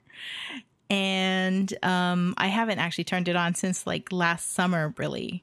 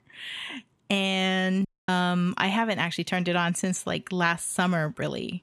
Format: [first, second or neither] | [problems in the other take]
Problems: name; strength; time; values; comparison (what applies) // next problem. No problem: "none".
first | audio cutting out; at 1.5 s